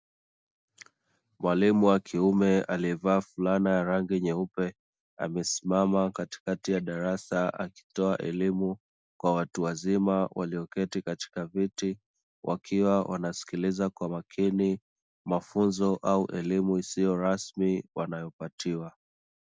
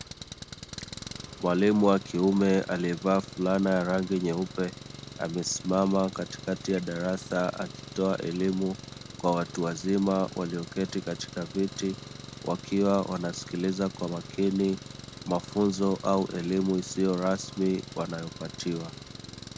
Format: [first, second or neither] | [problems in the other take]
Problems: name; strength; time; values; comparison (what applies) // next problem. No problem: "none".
first | background sound (Engine); 14 dB below the speech